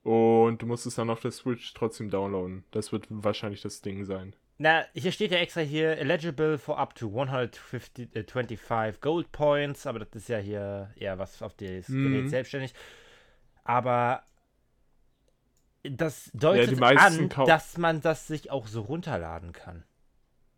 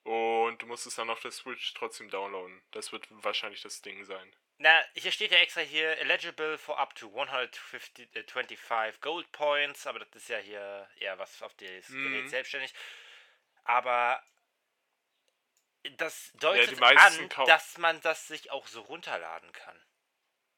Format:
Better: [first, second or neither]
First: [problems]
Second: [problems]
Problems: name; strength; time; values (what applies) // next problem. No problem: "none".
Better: first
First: none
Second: thin; very; fading below 750 Hz